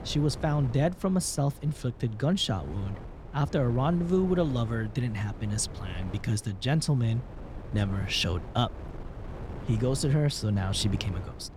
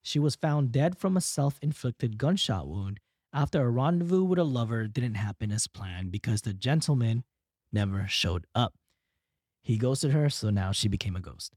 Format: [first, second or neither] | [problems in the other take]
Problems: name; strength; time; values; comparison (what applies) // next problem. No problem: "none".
second | wind noise on the microphone; occasional gusts; 15 dB below the speech